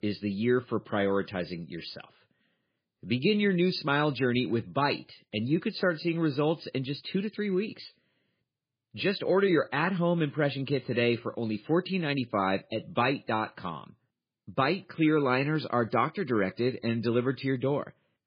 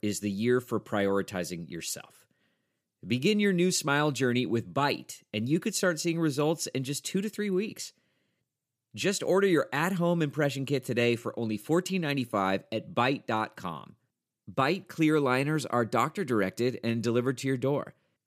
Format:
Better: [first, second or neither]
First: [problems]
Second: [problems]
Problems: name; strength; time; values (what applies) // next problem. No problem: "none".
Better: second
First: garbled, watery; badly; nothing above 4 kHz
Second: none